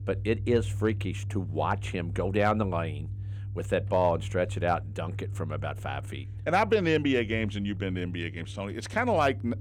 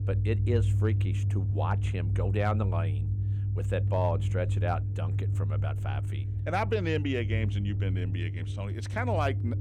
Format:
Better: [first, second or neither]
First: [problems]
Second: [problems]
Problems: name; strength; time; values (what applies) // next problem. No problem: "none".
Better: first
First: low rumble; faint; throughout; 20 dB below the speech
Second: low rumble; loud; throughout; 10 dB below the speech